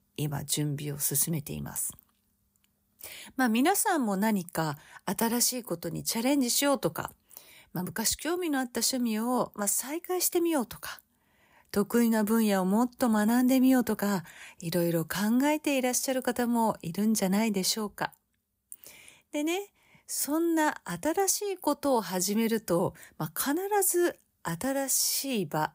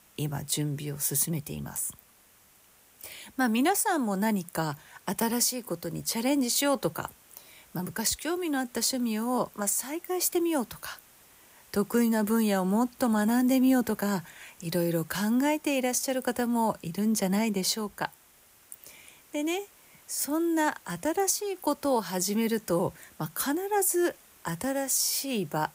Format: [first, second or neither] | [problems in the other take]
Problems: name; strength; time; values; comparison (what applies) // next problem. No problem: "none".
first | hiss; faint; throughout; 25 dB below the speech